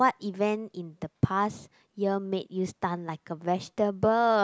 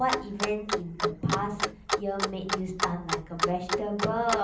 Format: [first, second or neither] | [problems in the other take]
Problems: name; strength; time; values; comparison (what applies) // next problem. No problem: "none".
first | background sound (Clock); 1 dB below the speech // room echo; dies away in 0.6 s